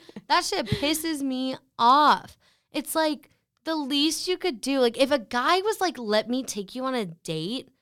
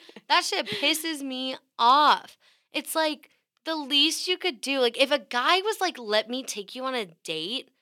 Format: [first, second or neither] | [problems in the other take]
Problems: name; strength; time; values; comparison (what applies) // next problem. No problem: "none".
first | thin; very slightly; fading below 300 Hz